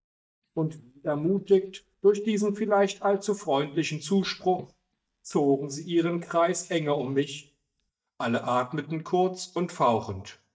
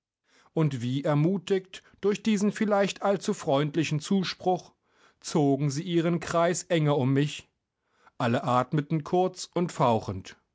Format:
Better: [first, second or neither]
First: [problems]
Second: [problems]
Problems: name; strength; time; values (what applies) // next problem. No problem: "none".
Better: second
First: noise reduction (neural mask model DeepFilterNet 3)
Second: none